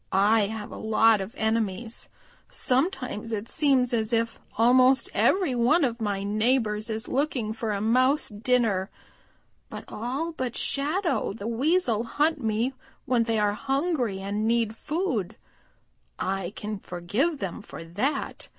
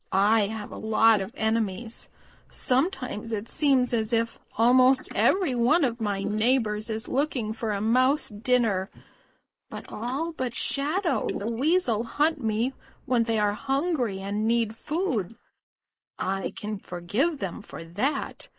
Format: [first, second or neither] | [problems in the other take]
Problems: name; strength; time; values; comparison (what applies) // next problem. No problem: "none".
first | noise reduction (neural mask model Resemble Enhance denoiser)